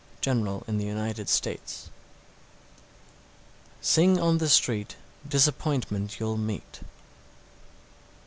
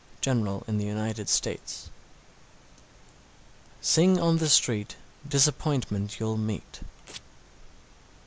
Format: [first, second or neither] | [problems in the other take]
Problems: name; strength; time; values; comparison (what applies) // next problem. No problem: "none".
first | noise reduction (neural mask model Resemble Enhance denoiser)